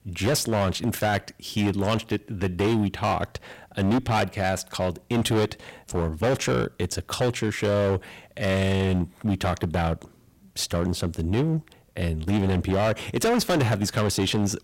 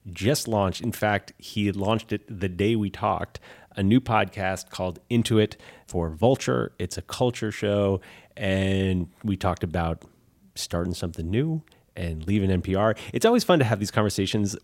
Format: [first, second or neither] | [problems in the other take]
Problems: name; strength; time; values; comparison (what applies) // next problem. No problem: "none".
second | distortion; heavy; 17% of the sound clipped